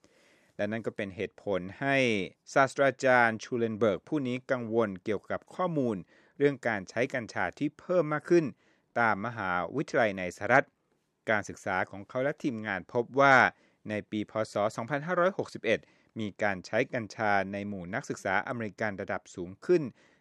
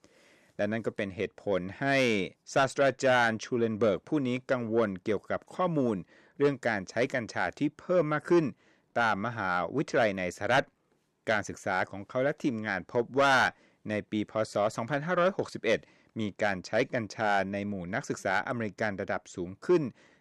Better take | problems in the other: first | distortion; slight; 10 dB below the speech

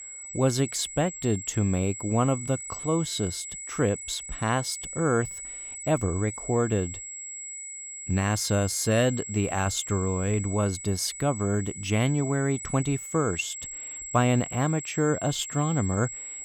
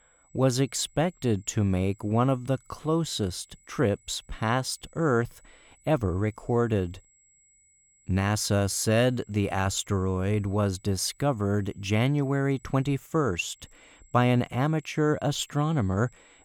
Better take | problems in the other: second | high-pitched whine; loud; throughout; 7.5 kHz, 9 dB below the speech; faint in the second

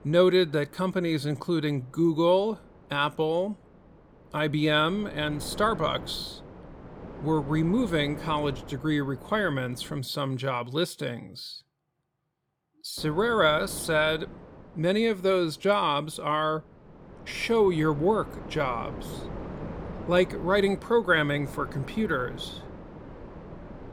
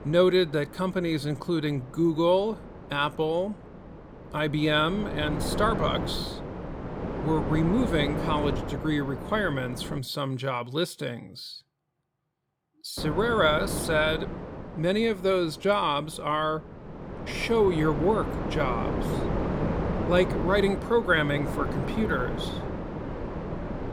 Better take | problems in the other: first | wind noise on the microphone; heavy; until 10 s and from 13 s on; 8 dB below the speech; occasional gusts in the first

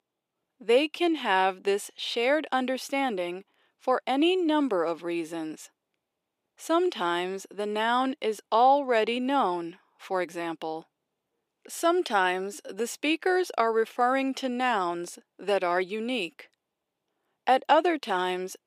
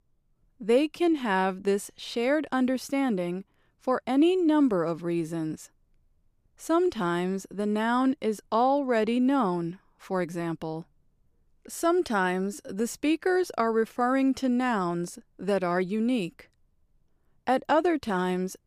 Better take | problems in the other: second | thin; somewhat; fading below 400 Hz

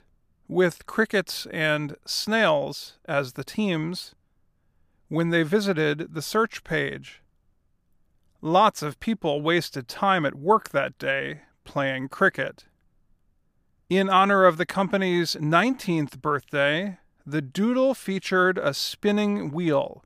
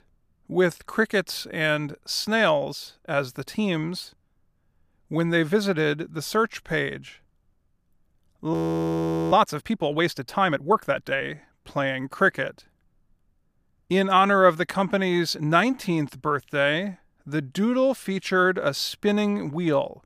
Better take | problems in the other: first | audio freezing; at 8.5 s for 1 s

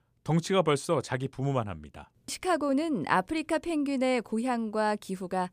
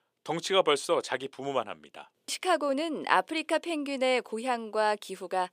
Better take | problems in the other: first | thin; somewhat; fading below 450 Hz

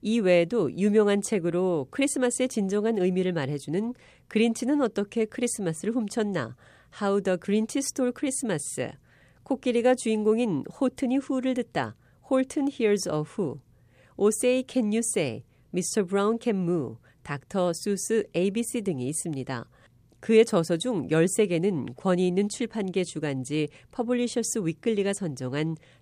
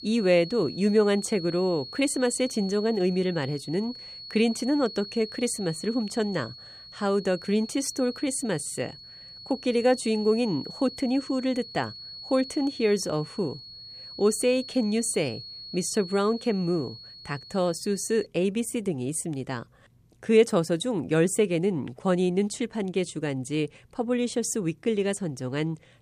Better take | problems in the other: first | high-pitched whine; noticeable; until 18 s; 4.5 kHz, 15 dB below the speech

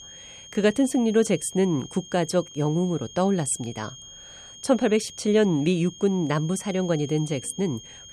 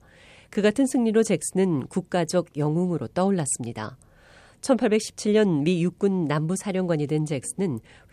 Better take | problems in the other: second | high-pitched whine; noticeable; throughout; 3 kHz, 15 dB below the speech

